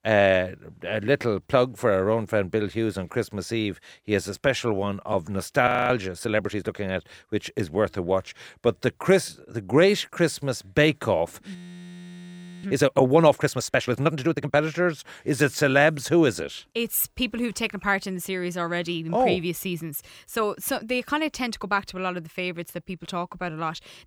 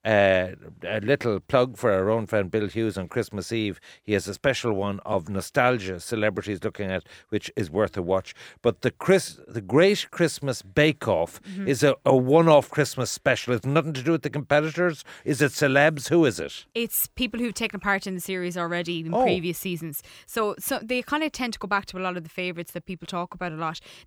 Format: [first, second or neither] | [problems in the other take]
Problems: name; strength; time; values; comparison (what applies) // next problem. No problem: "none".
second | audio freezing; at 5.5 s and at 12 s for 1 s